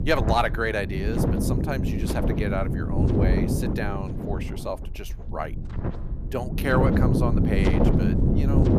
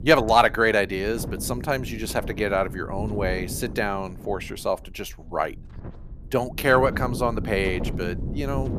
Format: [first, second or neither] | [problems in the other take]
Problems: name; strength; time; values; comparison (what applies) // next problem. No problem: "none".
second | wind noise on the microphone; heavy; 2 dB below the speech; occasional gusts in the second